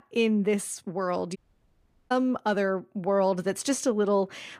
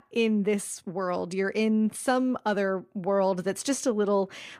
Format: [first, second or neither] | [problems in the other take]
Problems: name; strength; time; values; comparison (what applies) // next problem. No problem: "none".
second | audio cutting out; at 1.5 s for 0.5 s